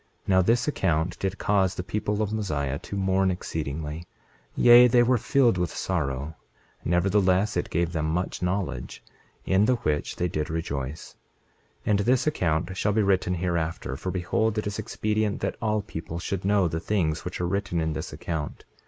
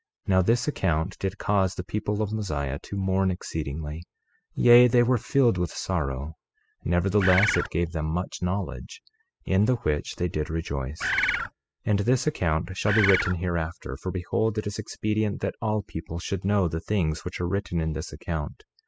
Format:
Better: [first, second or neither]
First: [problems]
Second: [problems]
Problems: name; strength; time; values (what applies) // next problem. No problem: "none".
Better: first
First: none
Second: noise reduction (classical method spectral subtraction)